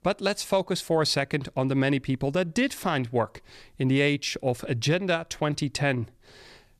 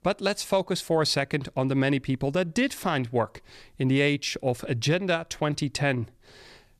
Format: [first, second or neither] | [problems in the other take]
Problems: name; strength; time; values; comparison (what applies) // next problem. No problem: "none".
neither | none